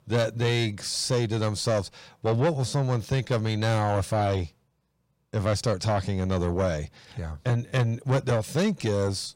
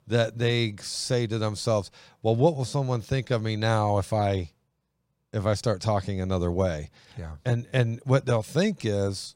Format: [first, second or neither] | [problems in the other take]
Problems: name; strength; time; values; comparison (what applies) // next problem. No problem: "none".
second | distortion; slight; 10 dB below the speech